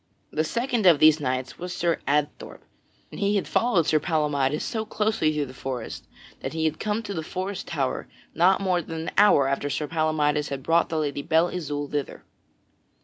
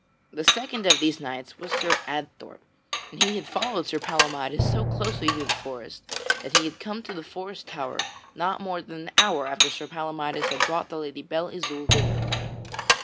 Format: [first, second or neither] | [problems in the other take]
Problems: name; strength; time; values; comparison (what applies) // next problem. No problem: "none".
first | background sound (Drum + Dishes, pots, and pans); 3 dB above the speech